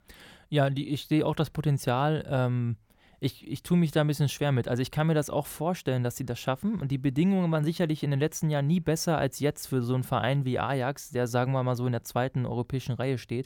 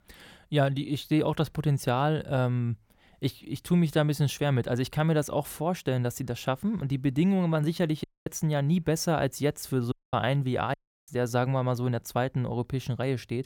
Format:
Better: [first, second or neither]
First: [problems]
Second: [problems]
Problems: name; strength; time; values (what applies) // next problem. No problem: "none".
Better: first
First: none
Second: audio cutting out; at 8 s, at 10 s and at 11 s